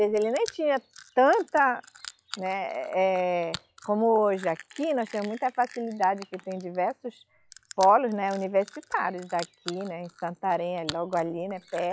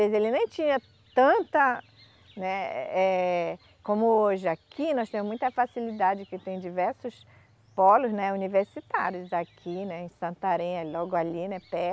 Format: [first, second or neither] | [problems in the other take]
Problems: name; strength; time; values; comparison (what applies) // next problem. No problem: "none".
second | noise reduction (classical method log-MMSE)